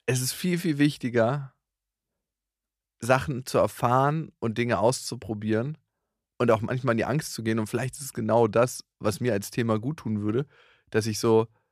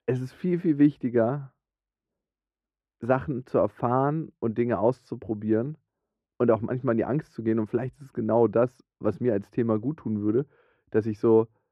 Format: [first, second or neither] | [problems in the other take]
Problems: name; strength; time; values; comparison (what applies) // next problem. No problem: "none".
first | muffled; very; fading above 3 kHz